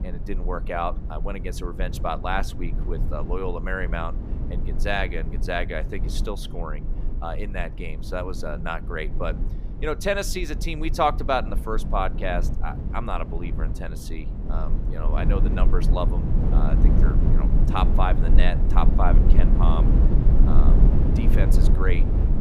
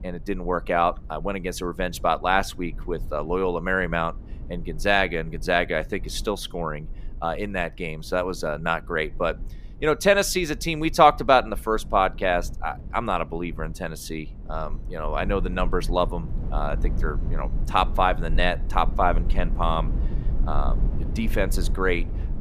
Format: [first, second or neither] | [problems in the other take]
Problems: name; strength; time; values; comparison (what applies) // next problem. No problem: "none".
second | low rumble; loud; throughout; 9 dB below the speech; faint in the second